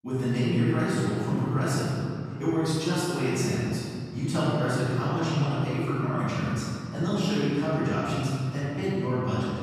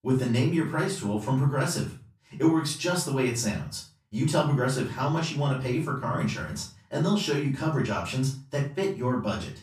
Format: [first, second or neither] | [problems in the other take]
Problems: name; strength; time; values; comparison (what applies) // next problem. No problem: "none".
second | room echo; strong; dies away in 3 s; slight in the second // off-mic speech; far; far in the second